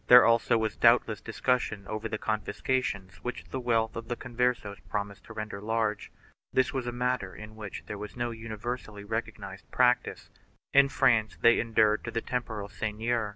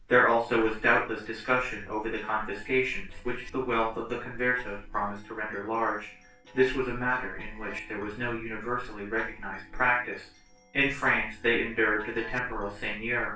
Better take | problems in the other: first | noise reduction (neural separator model SepFormer DNS4)

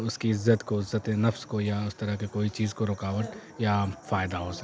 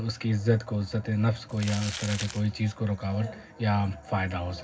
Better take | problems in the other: first | background sound (Crumpling, crinkling); 10 dB below the speech // room echo; dies away in 0.4 s

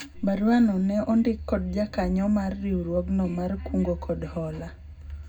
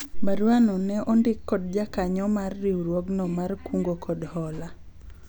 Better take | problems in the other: second | room echo; dies away in 0.3 s

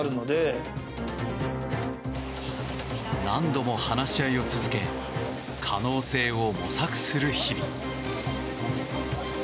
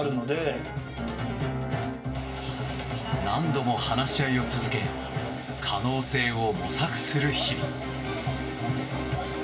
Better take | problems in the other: first | room echo; dies away in 0.2 s

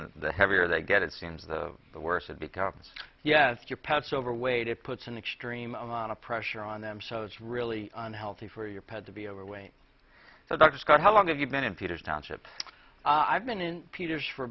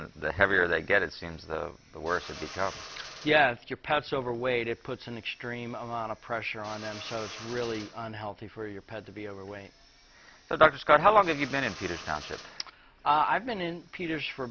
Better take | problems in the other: first | background sound (Drill); 20 dB below the speech

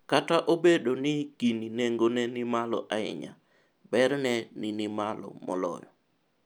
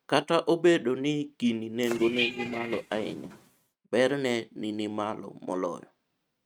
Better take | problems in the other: first | noise reduction (neural mask model RNNoise)

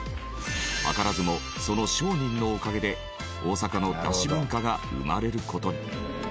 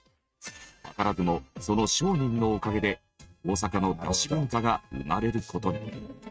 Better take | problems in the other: first | noise reduction (neural mask model RNNoise)

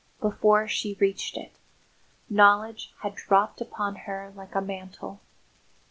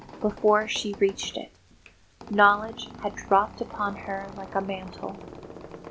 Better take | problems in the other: first | background sound (Squeak); 16 dB below the speech

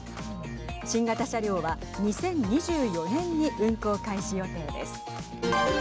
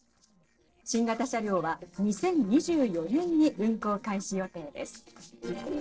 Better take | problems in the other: first | noise reduction (neural separator model SepFormer DNS4)

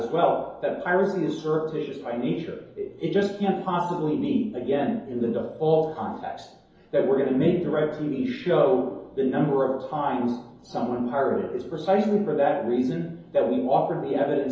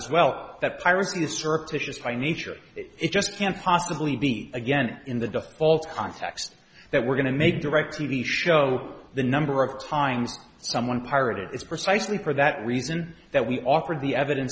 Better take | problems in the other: second | room echo; dies away in 2.8 s

